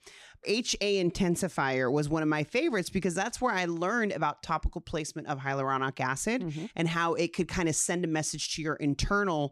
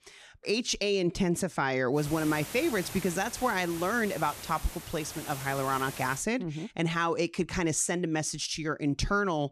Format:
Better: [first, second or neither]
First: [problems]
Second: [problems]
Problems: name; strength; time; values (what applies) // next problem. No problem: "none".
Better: first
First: none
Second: hiss; noticeable; from 2 to 6 s; 10 dB below the speech